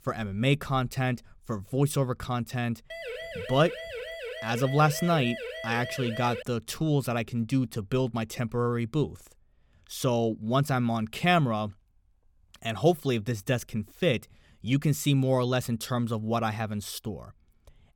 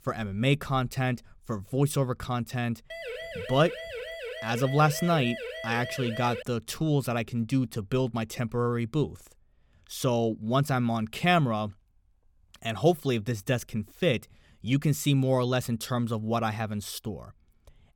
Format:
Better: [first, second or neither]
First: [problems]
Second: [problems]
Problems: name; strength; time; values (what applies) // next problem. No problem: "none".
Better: neither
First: siren; noticeable; from 3 to 6.5 s; peak 8 dB below the speech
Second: siren; noticeable; from 3 to 6.5 s; peak 8 dB below the speech